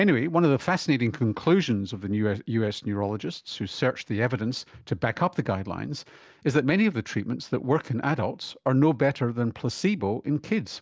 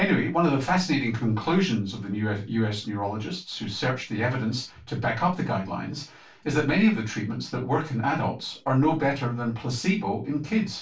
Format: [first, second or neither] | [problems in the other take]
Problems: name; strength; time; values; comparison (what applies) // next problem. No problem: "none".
first | room echo; dies away in 0.2 s